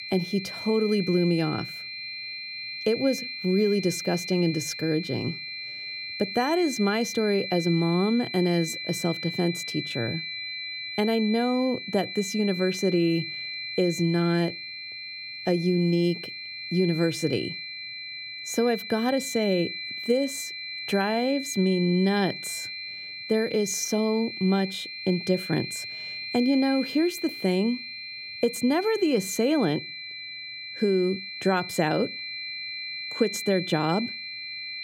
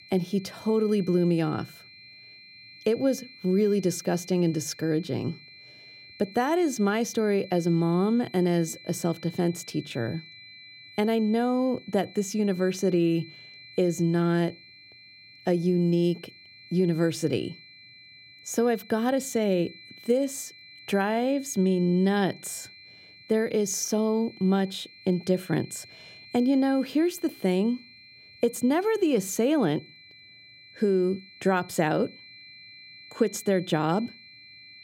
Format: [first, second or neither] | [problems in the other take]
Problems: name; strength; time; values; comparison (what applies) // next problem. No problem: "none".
second | high-pitched whine; loud; throughout; 4 kHz, 7 dB below the speech; faint in the second